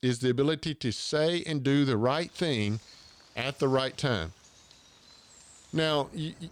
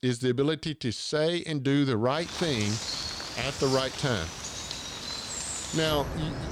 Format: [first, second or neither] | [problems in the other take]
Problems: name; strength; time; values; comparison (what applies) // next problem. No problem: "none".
first | animal sounds; loud; from 2 s on; 5 dB below the speech; faint in the first